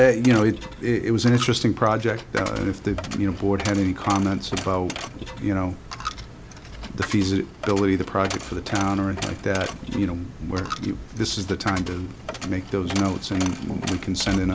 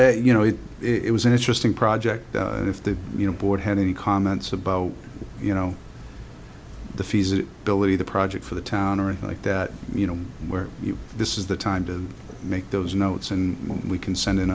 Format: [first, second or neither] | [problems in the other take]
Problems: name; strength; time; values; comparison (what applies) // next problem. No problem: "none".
second | background sound (Coin (dropping)); 13 dB below the speech